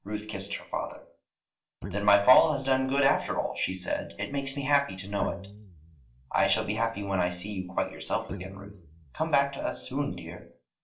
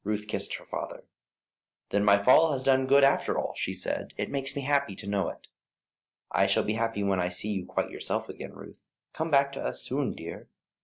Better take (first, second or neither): second